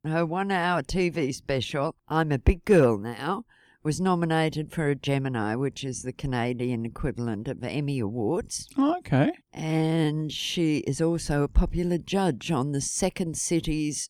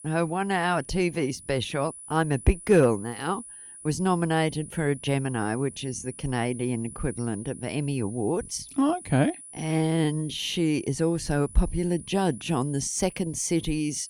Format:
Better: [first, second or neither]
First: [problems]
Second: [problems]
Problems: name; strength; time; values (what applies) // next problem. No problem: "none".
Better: first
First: none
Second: high-pitched whine; noticeable; throughout; 10 kHz, 15 dB below the speech